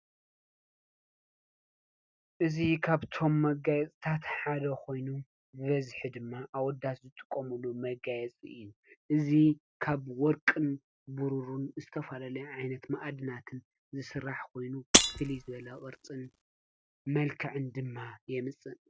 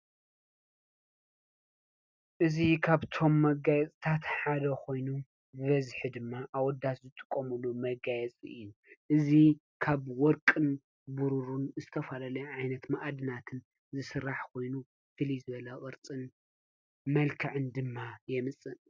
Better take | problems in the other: second | background sound (Shatter); 4 dB above the speech

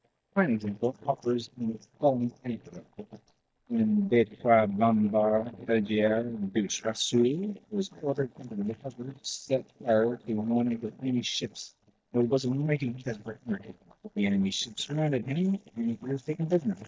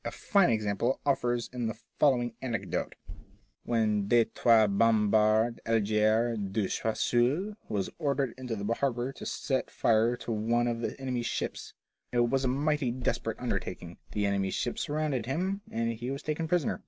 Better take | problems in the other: second | noise reduction (neural mask model DeepFilterNet 3)

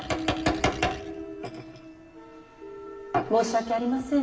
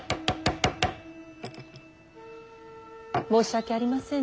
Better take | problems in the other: second | background sound (Telephone); 13 dB below the speech // room echo; dies away in 0.8 s

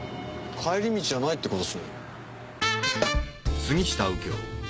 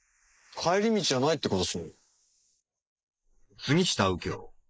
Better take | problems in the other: first | noise reduction (neural mask model Resemble Enhance denoiser)

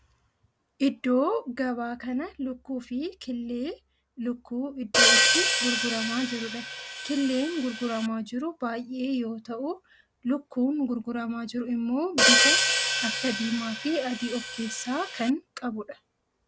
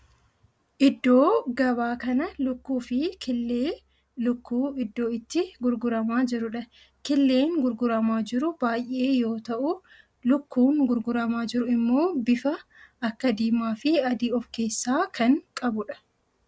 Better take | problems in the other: second | background sound (Hi-hat); 5 dB above the speech

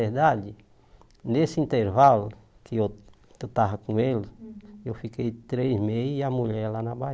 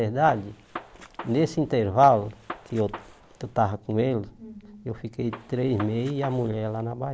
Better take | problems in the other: first | background sound (Gunshot, gunfire); 17 dB below the speech

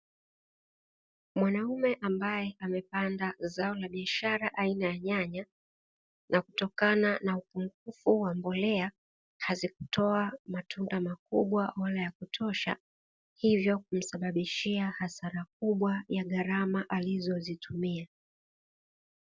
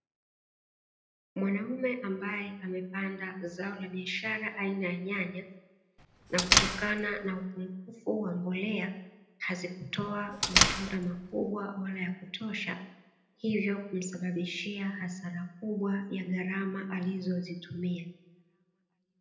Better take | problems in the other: first | background sound (Door); 5 dB above the speech // room echo; dies away in 0.7 s

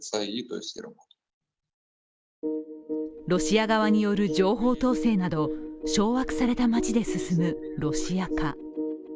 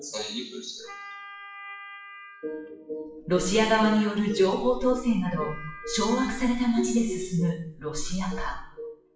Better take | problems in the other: first | noise reduction (classical method WPE with log-MMSE)

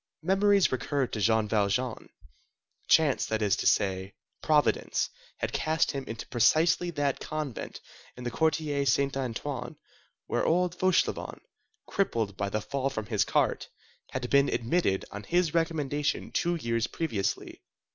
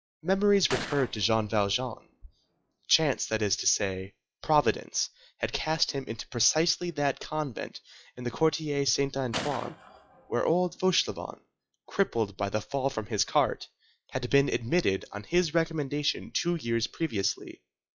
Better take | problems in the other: first | noise reduction (classical method log-MMSE)

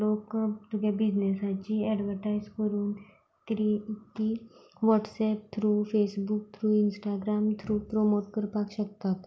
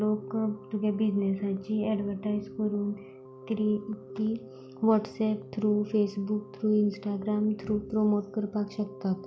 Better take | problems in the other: first | background sound (Keyboard (musical)); 16 dB below the speech

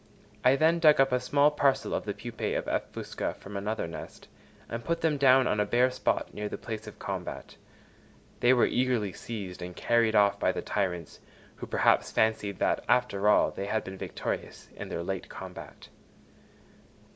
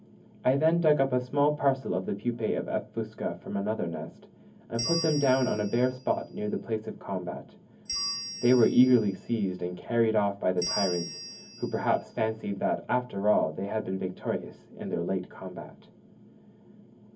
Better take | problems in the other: first | background sound (Bell); 10 dB below the speech // room echo; dies away in 0.3 s

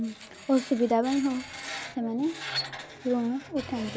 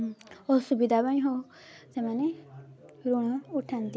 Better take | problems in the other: second | background sound (Screech); 11 dB below the speech

